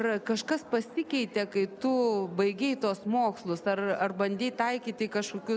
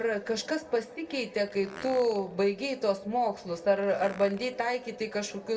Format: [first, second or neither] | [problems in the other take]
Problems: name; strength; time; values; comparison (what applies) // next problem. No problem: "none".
first | background sound (Fart); 20 dB below the speech // room echo; dies away in 0.2 s